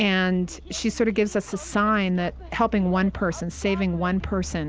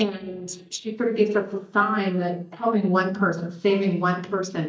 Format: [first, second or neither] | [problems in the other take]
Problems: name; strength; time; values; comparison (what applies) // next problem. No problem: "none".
first | noise reduction (neural mask model DeepFilterNet 3)